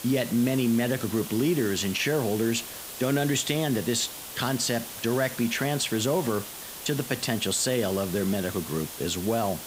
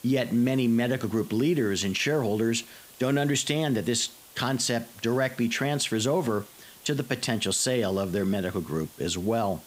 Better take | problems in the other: second | hiss; loud; throughout; 10 dB below the speech; faint in the second

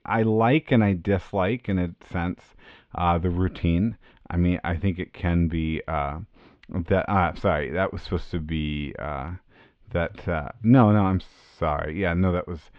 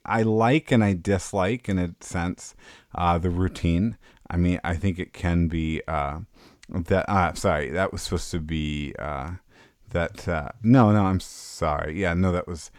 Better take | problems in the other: second | muffled; slightly; fading above 3.5 kHz

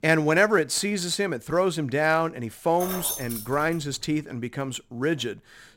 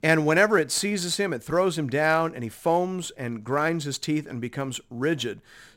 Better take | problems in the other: second | jangling keys; noticeable; at 3 s; peak 3 dB below the speech

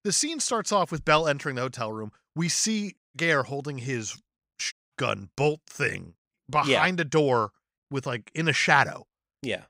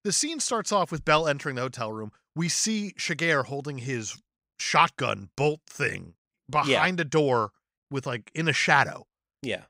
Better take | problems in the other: second | audio cutting out; at 3 s and at 4.5 s

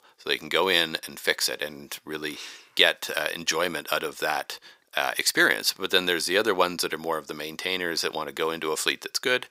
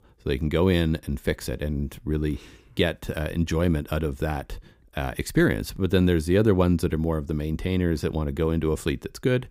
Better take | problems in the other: second | thin; very; fading below 800 Hz

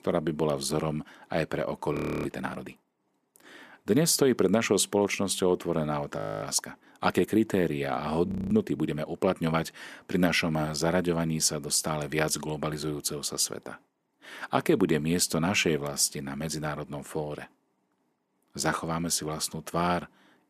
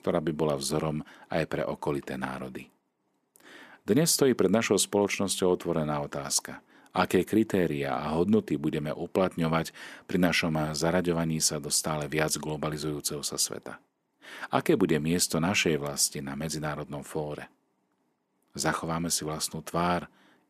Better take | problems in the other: second | audio freezing; at 2 s, at 6 s and at 8.5 s

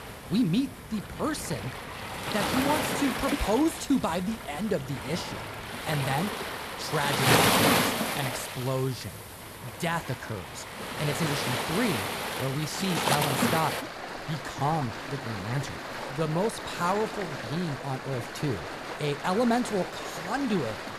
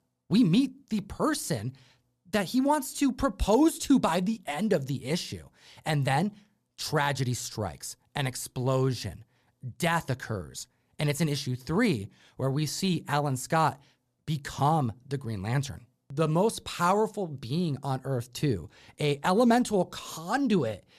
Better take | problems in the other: second | rain or running water; very loud; throughout; as loud as the speech

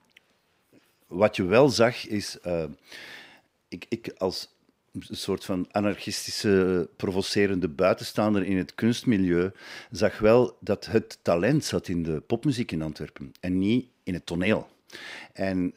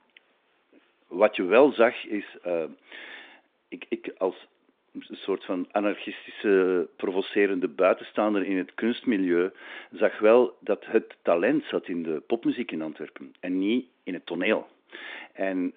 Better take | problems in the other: first | phone-call audio; nothing above 3.5 kHz

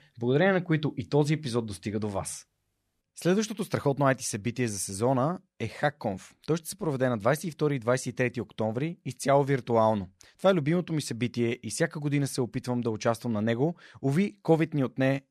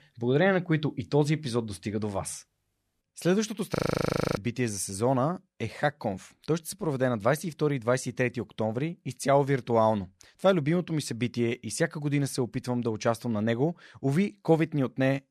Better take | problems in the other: first | audio freezing; at 4 s for 0.5 s

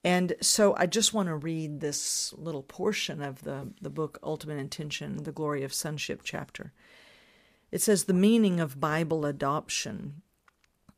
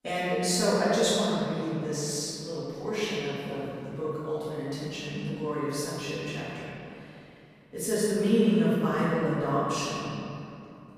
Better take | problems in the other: first | room echo; strong; dies away in 2.5 s // off-mic speech; far

